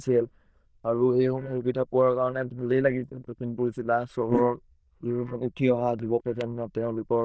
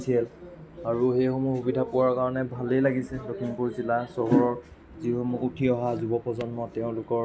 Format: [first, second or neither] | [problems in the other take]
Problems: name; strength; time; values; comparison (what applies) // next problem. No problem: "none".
second | noise reduction (neural diffusion model UNIVERSE++)